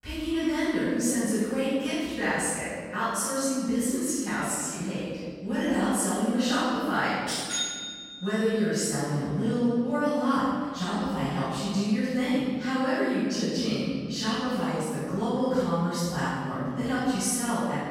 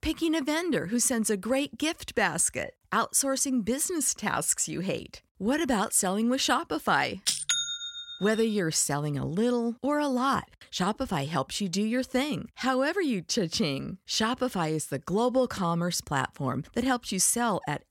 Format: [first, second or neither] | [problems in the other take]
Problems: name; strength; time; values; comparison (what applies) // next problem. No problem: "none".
second | off-mic speech; far // room echo; strong; dies away in 1.8 s